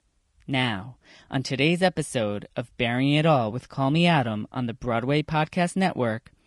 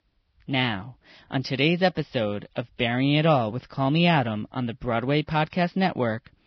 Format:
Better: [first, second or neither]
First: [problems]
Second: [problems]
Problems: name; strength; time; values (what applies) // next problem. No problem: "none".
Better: first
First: garbled, watery; slightly; nothing above 10.5 kHz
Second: garbled, watery; badly; nothing above 5.5 kHz